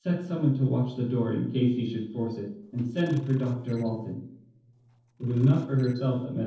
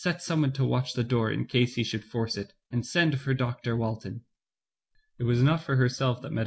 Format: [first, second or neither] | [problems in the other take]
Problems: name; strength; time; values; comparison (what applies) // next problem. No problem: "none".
second | noise reduction (neural separator model SepFormer DNS4)